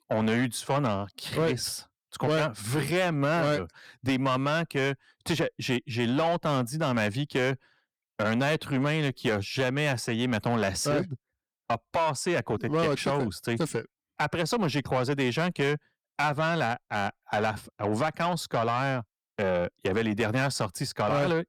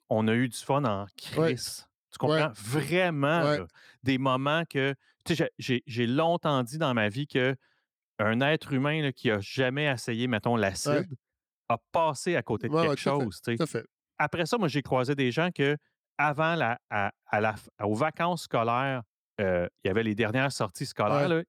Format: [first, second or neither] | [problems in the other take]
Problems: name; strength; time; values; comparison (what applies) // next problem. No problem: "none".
second | distortion; slight; 10 dB below the speech